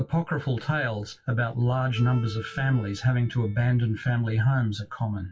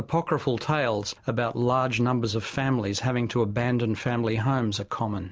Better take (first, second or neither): second